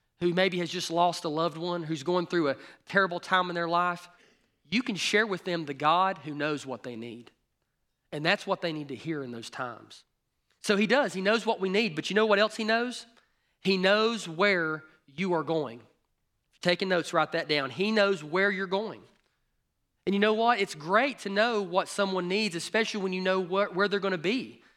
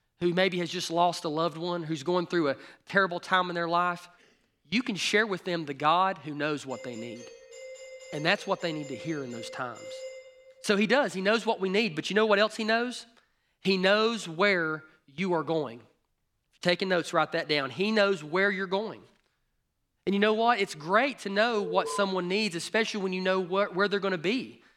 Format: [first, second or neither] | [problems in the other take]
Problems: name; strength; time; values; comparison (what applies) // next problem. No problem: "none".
first | doorbell; faint; from 6.5 to 11 s; peak 15 dB below the speech // alarm; noticeable; at 22 s; peak 7 dB below the speech